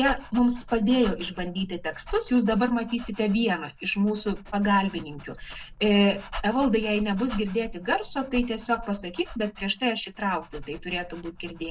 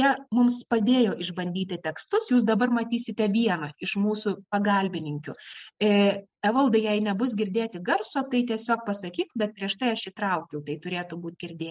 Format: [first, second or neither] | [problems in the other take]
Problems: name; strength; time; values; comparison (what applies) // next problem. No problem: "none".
second | background sound (Dog); 14 dB below the speech // room echo; dies away in 0.2 s